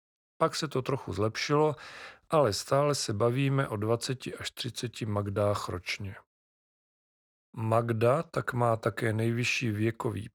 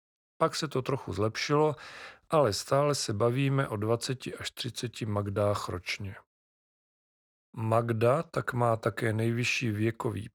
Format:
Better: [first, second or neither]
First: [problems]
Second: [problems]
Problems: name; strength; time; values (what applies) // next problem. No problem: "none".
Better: neither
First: none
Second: none